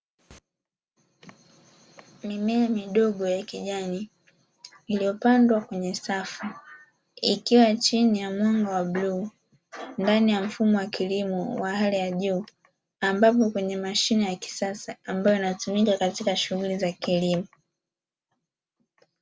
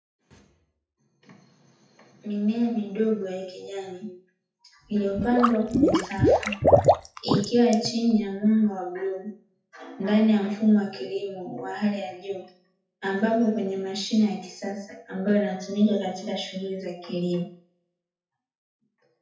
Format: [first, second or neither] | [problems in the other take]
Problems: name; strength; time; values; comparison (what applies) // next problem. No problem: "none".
first | noise reduction (classical method WPE with log-MMSE)